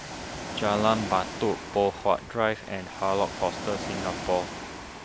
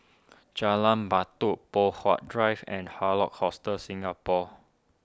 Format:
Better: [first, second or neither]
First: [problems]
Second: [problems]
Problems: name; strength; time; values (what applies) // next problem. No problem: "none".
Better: second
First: background sound (Ocean); 8 dB below the speech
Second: none